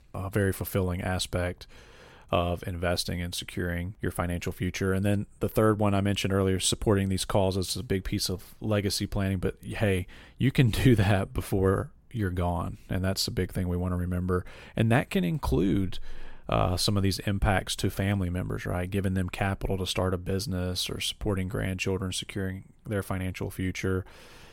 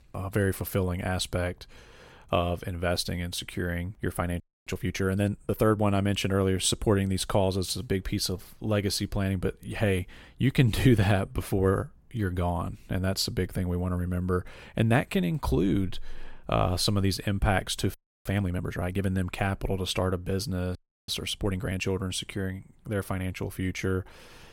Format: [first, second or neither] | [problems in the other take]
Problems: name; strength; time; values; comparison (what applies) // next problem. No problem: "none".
first | audio freezing; at 4.5 s, at 18 s and at 21 s